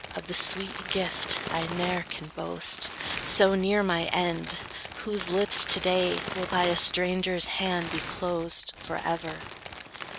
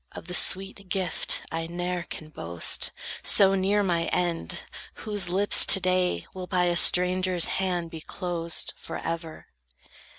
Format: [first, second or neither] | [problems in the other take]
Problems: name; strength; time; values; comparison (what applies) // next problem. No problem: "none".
second | background sound (Crumpling, crinkling); 9 dB below the speech